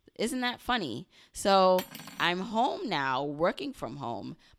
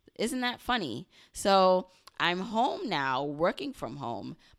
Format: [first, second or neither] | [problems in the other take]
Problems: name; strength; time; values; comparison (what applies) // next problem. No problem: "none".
second | clattering dishes; faint; at 2 s; peak 10 dB below the speech